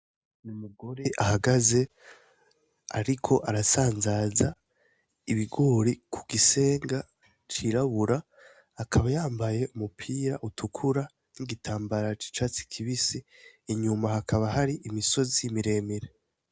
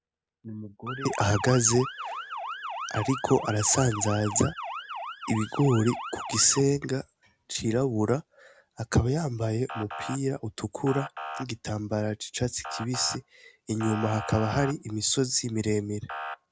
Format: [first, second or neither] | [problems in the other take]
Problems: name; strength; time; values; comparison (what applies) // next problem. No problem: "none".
first | background sound (Motor vehicle (road) / Siren); 11 dB below the speech